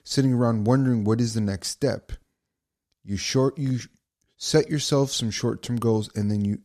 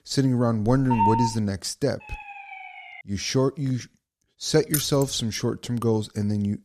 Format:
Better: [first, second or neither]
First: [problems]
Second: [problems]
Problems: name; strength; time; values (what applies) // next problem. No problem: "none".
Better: first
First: none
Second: phone ringing; loud; at 0.5 s; peak 2 dB above the speech // siren; faint; from 2 to 3 s; peak 15 dB below the speech // jangling keys; noticeable; at 4.5 s; peak 4 dB below the speech